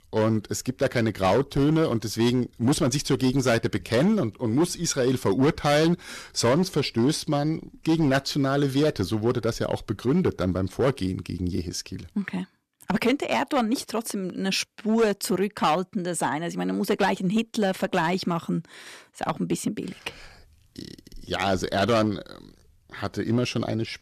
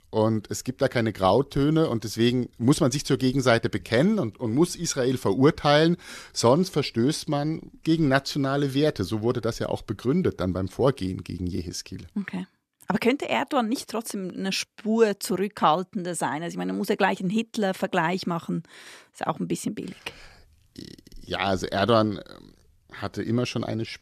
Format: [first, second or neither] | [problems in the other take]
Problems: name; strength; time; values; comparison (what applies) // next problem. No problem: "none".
second | distortion; slight; 5% of the sound clipped